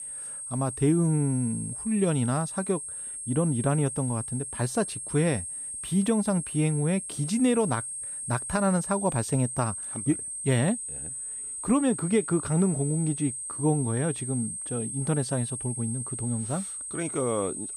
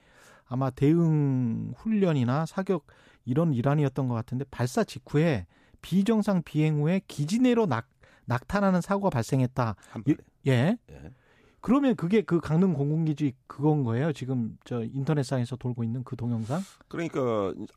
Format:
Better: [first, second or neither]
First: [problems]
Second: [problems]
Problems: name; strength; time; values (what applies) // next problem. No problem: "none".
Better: second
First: high-pitched whine; loud; throughout; 8.5 kHz, 5 dB below the speech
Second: none